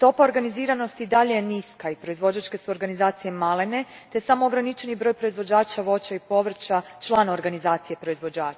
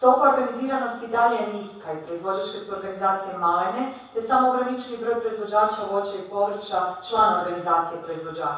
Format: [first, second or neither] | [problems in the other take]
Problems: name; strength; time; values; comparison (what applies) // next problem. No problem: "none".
first | room echo; dies away in 0.7 s